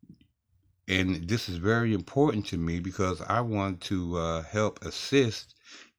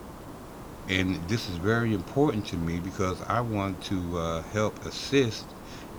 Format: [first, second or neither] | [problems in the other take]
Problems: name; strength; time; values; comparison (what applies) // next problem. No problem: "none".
first | hiss; noticeable; throughout; 15 dB below the speech